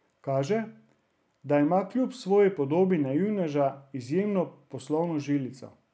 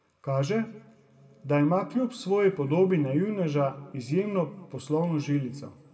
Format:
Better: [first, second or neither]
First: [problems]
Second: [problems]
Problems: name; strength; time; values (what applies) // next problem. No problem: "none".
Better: first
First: none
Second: room echo; dies away in 1.7 s